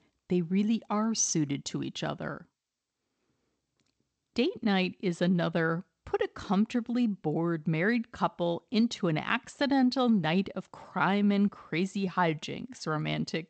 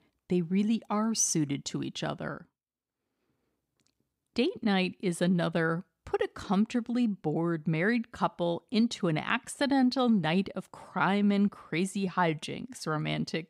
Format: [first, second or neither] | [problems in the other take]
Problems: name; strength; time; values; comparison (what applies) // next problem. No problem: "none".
second | garbled, watery; slightly